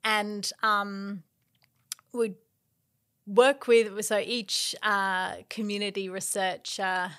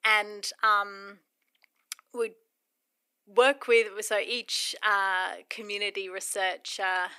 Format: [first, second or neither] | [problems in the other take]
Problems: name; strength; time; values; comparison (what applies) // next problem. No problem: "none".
first | thin; somewhat; fading below 300 Hz